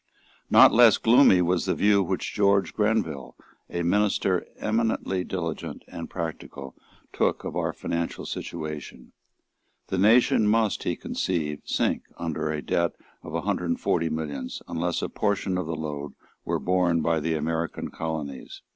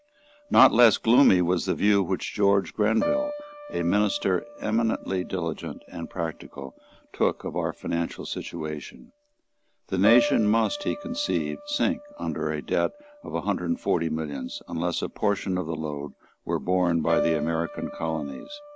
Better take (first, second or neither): first